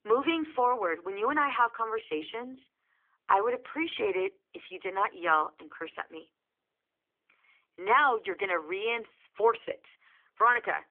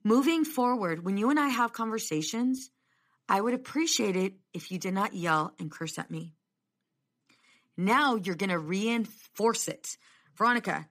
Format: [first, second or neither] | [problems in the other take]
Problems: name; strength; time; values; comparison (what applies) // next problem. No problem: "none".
second | phone-call audio; nothing above 3.5 kHz